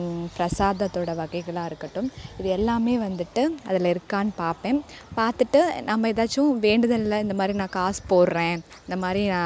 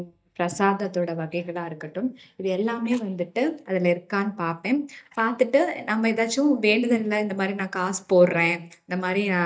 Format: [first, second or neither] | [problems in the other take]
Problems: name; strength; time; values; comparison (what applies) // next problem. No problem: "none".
first | noise reduction (neural mask model DeepFilterNet 3)